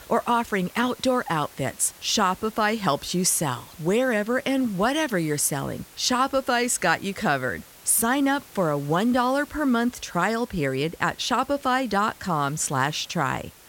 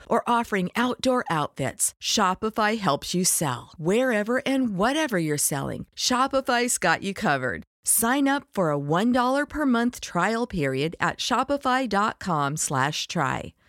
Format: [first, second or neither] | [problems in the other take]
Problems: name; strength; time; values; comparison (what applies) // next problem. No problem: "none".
second | hiss; faint; throughout; 20 dB below the speech